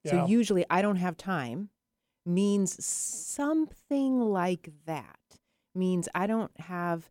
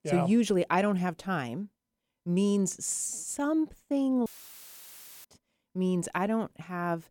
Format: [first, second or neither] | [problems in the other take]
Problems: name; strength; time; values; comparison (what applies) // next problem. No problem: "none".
first | audio cutting out; filled with static; at 4.5 s for 1 s